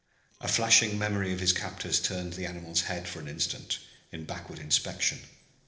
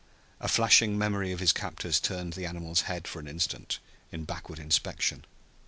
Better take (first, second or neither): second